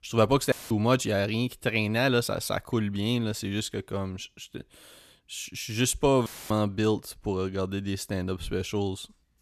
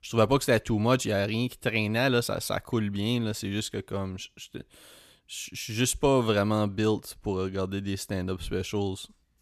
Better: second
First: audio cutting out; filled with static; at 0.5 s and at 6.5 s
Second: none

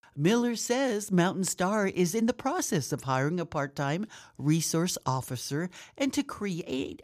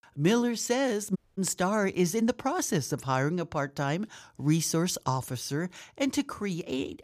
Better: first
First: none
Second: audio cutting out; at 1 s

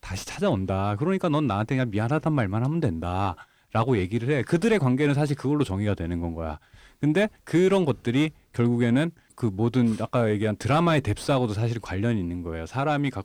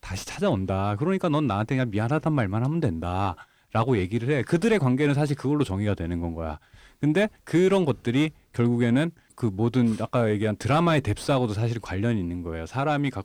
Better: neither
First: distortion; slight; 10 dB below the speech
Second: distortion; slight; 10 dB below the speech

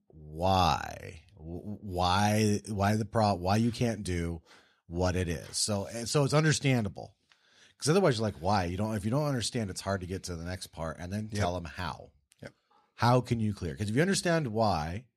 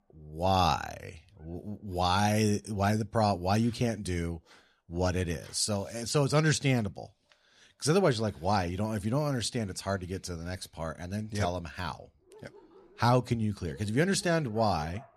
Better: first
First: none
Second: animal sounds; faint; throughout; 25 dB below the speech

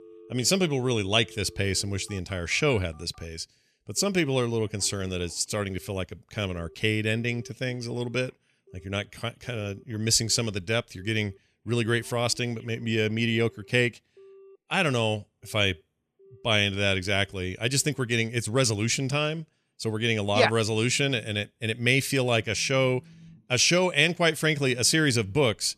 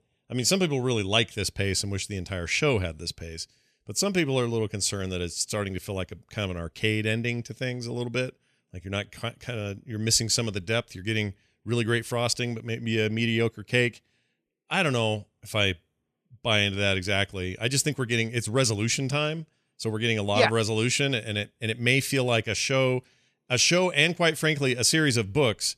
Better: second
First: alarms or sirens; faint; throughout; 30 dB below the speech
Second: none

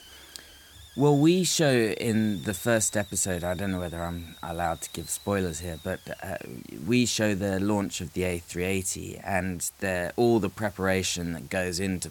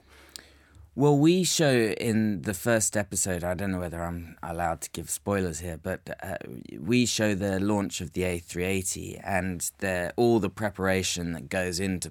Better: second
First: hiss; faint; throughout; 20 dB below the speech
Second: none

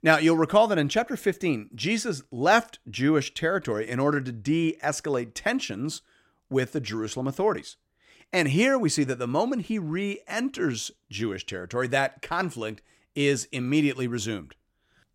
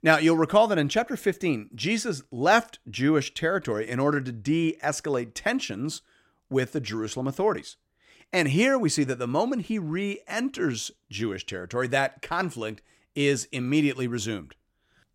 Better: neither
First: none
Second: none

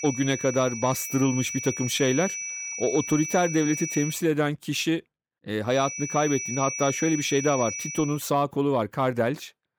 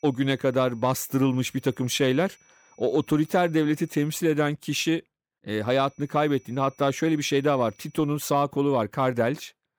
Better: second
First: high-pitched whine; loud; until 4 s and from 6 to 8 s; 6 kHz, 6 dB below the speech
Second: high-pitched whine; faint; until 4 s and from 6 to 8 s; 6 kHz, 35 dB below the speech

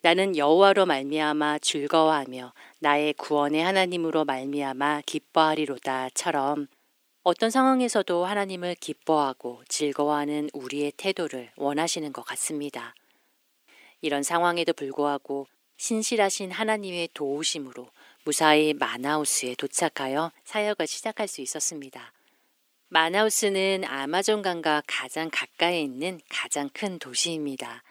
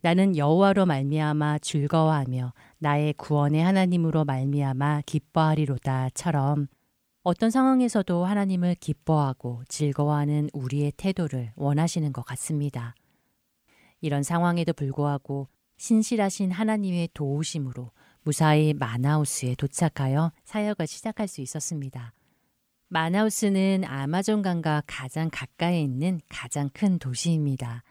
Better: second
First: thin; somewhat; fading below 300 Hz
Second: none

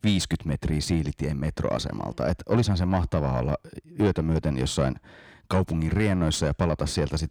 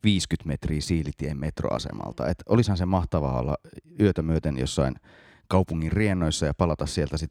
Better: second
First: distortion; slight; 10 dB below the speech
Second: none

